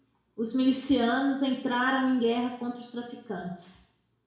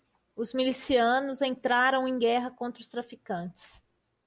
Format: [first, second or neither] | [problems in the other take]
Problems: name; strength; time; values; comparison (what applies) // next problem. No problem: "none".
second | room echo; dies away in 0.7 s